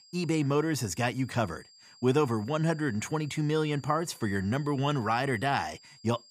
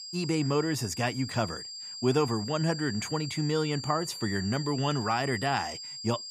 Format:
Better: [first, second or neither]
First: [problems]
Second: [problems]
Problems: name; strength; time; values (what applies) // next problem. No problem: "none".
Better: first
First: high-pitched whine; faint; throughout; 5 kHz, 25 dB below the speech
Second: high-pitched whine; loud; throughout; 5 kHz, 8 dB below the speech